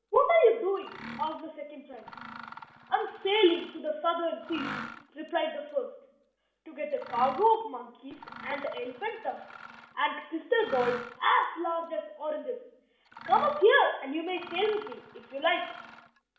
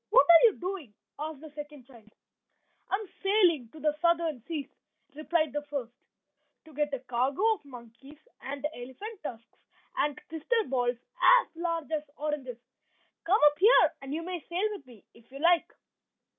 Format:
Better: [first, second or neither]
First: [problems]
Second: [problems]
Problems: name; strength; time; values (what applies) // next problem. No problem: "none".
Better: second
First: background sound (Mechanisms); 16 dB below the speech // room echo; dies away in 0.7 s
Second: none